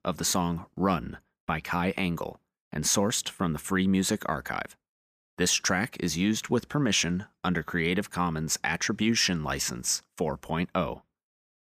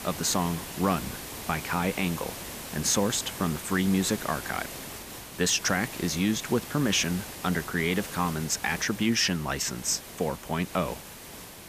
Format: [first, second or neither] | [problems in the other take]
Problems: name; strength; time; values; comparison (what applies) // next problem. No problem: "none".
first | hiss; noticeable; throughout; 10 dB below the speech